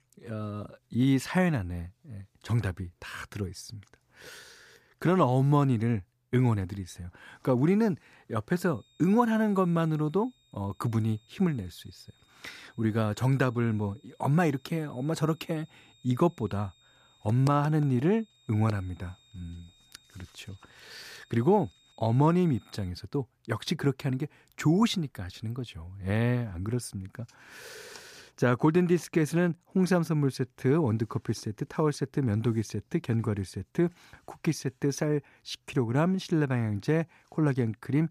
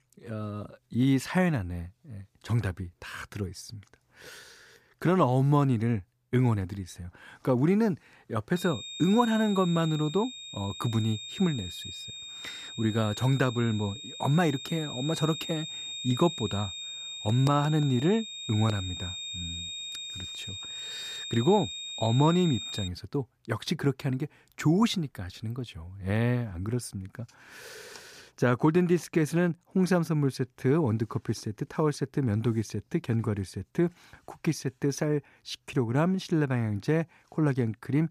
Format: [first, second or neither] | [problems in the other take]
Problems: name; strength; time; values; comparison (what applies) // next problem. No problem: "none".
first | high-pitched whine; loud; from 8.5 to 23 s; 3.5 kHz, 8 dB below the speech; faint in the first